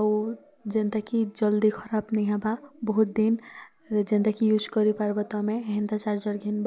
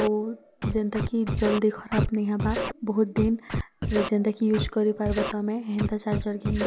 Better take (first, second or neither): first